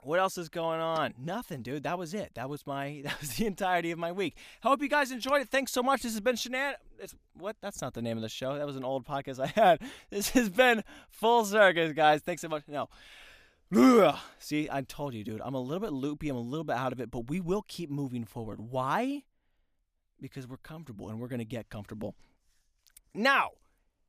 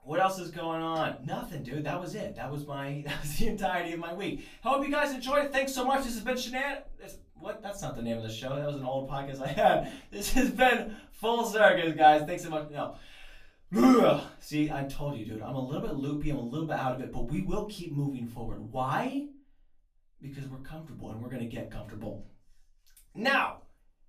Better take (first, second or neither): first